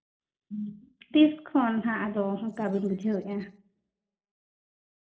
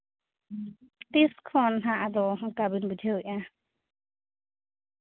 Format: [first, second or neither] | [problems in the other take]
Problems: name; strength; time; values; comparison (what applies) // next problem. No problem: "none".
second | noise reduction (neural separator model SepFormer DNS4)